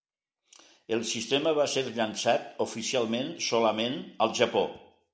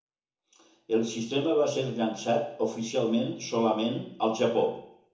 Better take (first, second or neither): first